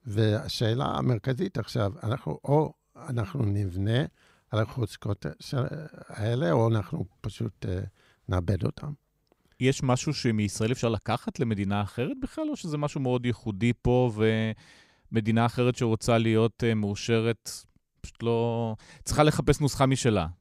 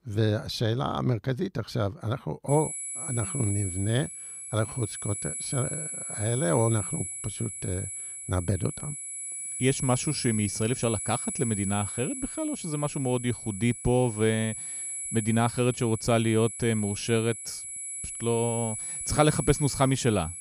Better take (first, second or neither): first